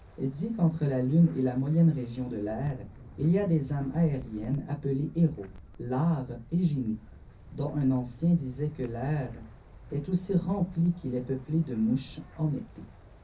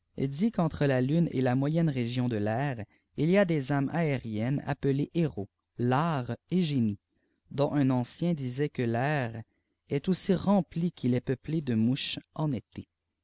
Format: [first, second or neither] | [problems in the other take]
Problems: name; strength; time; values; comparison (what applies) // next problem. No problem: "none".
second | background sound (Wind); 19 dB below the speech // room echo; dies away in 0.3 s